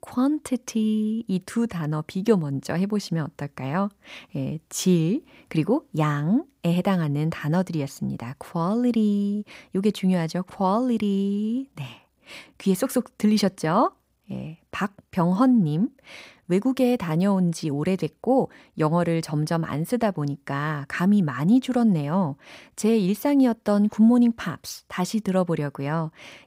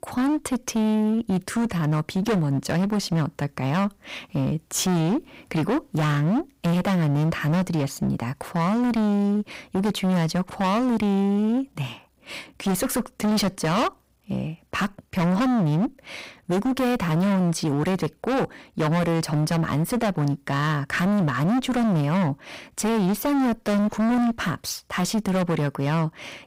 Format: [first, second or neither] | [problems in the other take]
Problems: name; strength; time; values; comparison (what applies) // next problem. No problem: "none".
first | distortion; heavy; 30% of the sound clipped